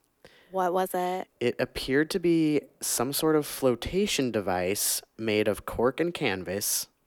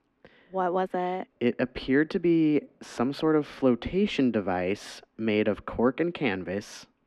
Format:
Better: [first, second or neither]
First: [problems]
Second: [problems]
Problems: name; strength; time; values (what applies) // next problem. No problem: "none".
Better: first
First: none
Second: muffled; slightly; fading above 2.5 kHz